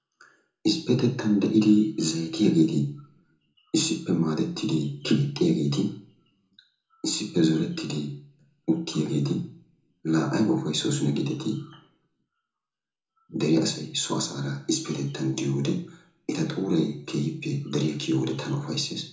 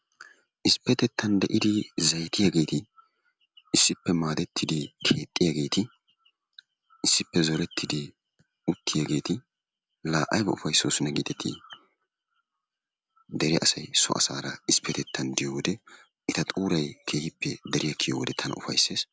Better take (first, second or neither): second